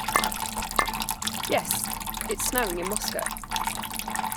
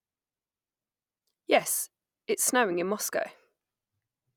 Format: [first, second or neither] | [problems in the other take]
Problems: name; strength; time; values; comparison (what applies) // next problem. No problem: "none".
second | background sound (Chink, clink + Trickle, dribble / Water tap, faucet); 4 dB above the speech